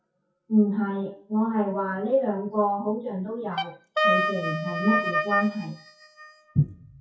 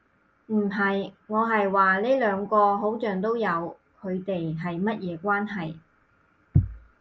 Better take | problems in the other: second | noise reduction (classical method WPE with log-MMSE)

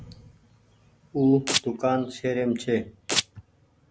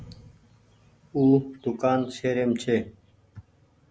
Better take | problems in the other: second | background sound (Domestic sounds, home sounds); 1 dB below the speech

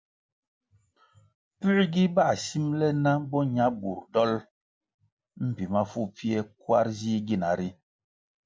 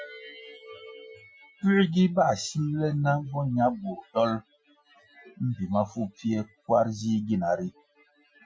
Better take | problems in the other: first | noise reduction (classical method Wiener filter)

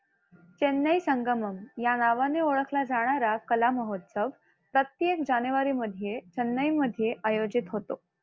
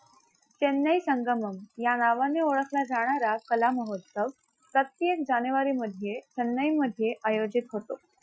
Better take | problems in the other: first | noise reduction (classical method Wiener filter)

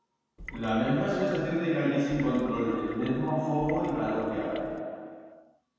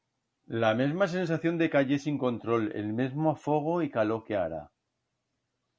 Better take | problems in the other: second | background sound (Trickle, dribble / Water tap, faucet); 17 dB below the speech // room echo; dies away in 2.1 s

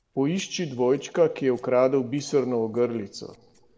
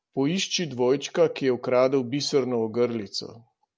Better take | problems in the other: second | noise reduction (neural separator model SepFormer DNS4)

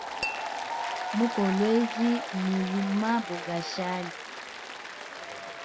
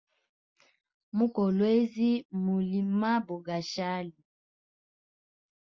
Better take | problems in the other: second | background sound (Applause + Tap / Glass); 6 dB below the speech

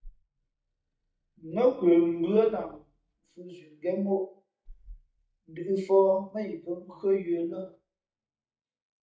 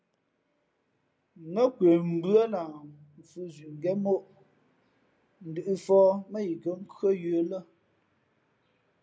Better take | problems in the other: second | noise reduction (neural mask model DeepFilterNet 3)

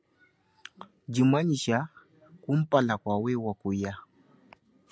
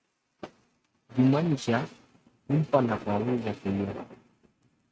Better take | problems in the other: first | noise reduction (neural mask model RNNoise)

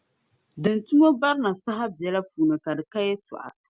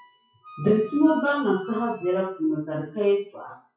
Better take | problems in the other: first | noise reduction (classical method WPE with log-MMSE)

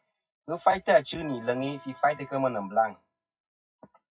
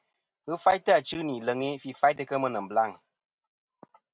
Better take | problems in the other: second | noise reduction (classical method WPE with log-MMSE)

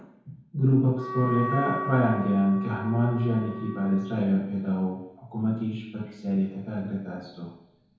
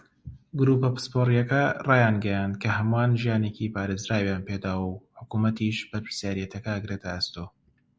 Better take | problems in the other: second | background sound (Wind instrument, woodwind instrument); 9 dB below the speech // room echo; dies away in 0.9 s

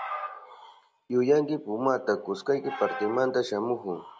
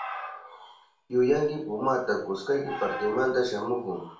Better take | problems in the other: first | room echo; dies away in 0.4 s

